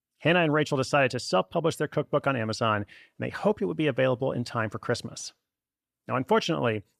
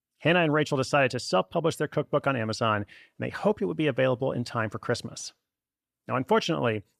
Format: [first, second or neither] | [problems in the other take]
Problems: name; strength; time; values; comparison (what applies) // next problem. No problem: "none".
neither | none